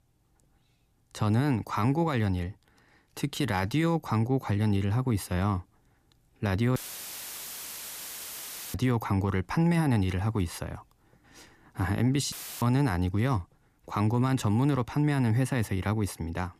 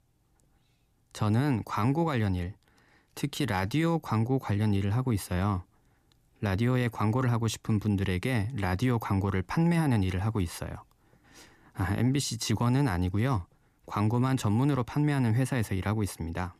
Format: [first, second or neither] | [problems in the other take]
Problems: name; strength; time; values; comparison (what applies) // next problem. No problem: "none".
second | audio cutting out; filled with static; at 7 s for 2 s and at 12 s